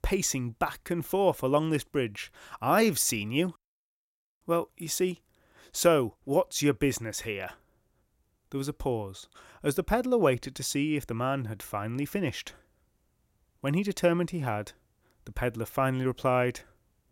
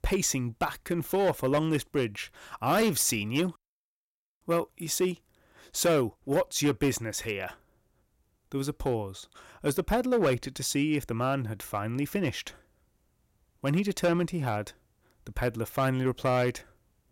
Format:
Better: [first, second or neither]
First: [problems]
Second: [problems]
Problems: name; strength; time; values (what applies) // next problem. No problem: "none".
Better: first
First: none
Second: distortion; slight; 4% of the sound clipped